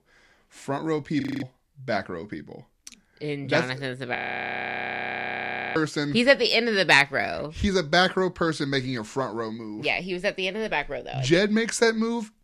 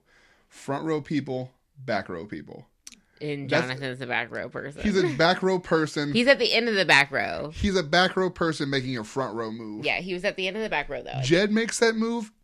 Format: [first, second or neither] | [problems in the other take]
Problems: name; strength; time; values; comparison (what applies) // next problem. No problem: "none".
second | audio freezing; at 1 s and at 4 s for 1.5 s